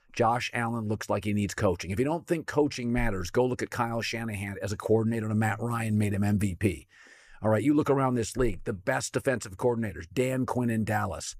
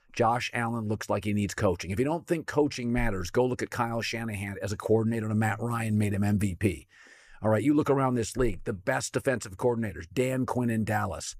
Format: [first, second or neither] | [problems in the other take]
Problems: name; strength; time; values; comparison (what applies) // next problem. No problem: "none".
neither | none